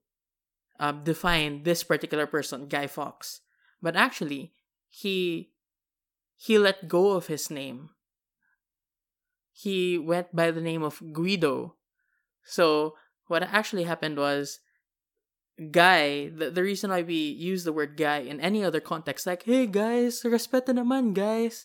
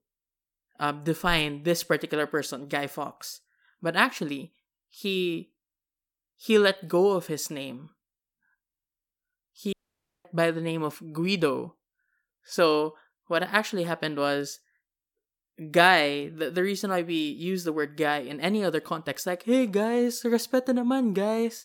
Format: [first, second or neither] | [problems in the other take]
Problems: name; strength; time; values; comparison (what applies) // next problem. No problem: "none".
first | audio cutting out; at 9.5 s for 0.5 s